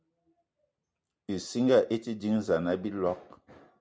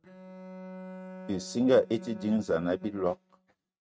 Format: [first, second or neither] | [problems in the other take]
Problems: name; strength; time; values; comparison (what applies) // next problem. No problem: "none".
first | noise reduction (neural mask model RNNoise)